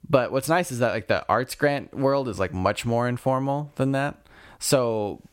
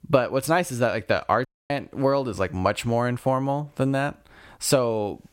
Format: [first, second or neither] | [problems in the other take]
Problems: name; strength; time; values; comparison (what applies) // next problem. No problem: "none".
first | audio cutting out; at 1.5 s